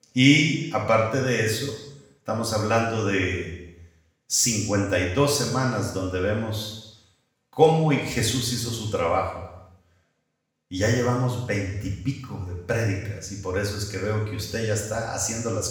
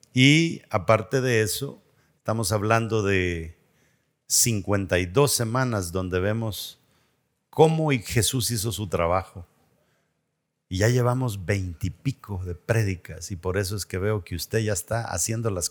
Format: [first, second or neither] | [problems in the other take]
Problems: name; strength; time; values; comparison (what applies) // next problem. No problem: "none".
second | room echo; noticeable; dies away in 0.9 s // off-mic speech; far